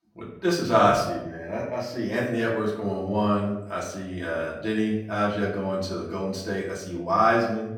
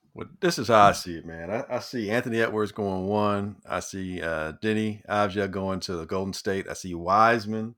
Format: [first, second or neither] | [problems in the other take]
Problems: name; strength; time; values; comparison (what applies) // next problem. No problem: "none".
second | off-mic speech; far // room echo; noticeable; dies away in 0.7 s